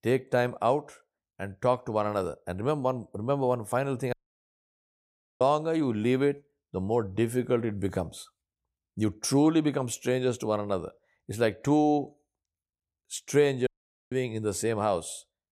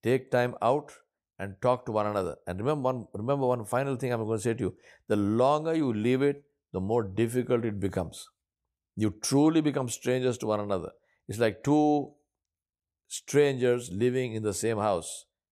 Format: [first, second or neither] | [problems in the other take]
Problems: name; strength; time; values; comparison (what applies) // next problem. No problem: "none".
second | audio cutting out; at 4 s for 1.5 s and at 14 s